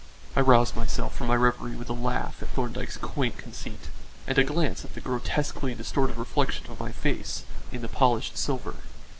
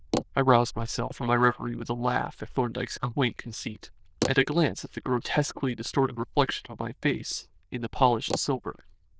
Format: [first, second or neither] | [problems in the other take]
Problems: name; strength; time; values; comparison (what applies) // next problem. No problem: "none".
first | noise reduction (neural diffusion model UNIVERSE++)